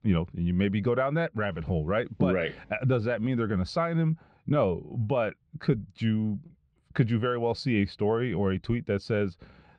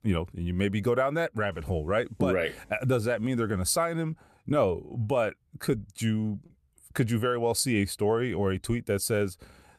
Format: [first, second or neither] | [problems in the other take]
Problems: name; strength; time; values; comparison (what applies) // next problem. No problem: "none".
second | muffled; very slightly; fading above 4 kHz